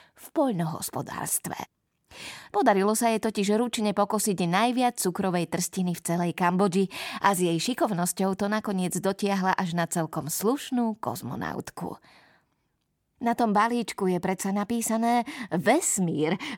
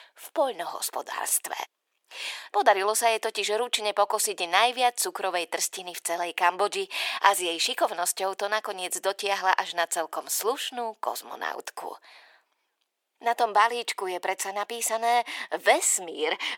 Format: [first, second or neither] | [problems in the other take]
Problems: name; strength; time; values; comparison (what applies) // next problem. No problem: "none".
first | thin; very; fading below 450 Hz